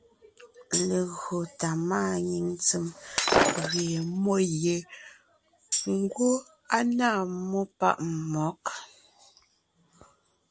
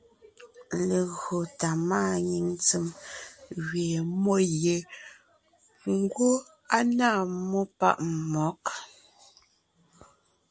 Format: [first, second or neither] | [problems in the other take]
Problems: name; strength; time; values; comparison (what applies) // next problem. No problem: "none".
second | background sound (Tambourine + Shatter); 1 dB below the speech